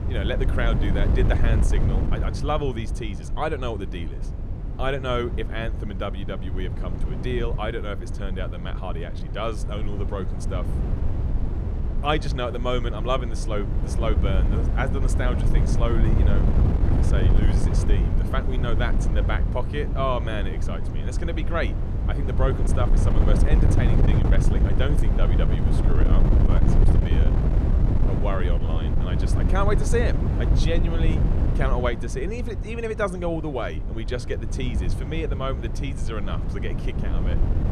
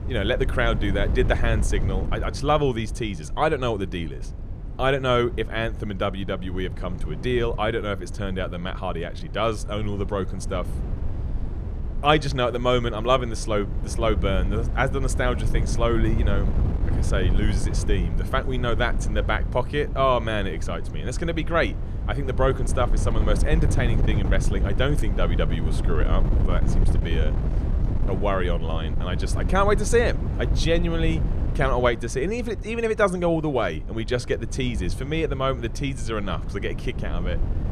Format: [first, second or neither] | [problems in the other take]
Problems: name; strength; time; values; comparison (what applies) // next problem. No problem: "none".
second | wind noise on the microphone; heavy; 5 dB below the speech; occasional gusts in the second